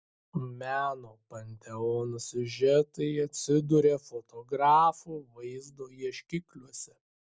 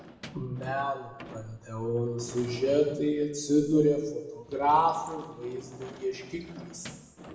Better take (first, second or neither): first